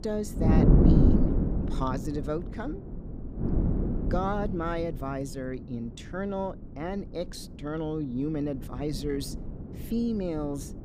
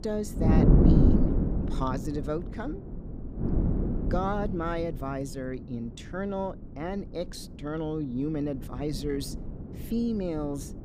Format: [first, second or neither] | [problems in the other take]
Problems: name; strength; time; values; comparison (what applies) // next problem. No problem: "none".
neither | wind noise on the microphone; heavy; 1 dB below the speech; the same in both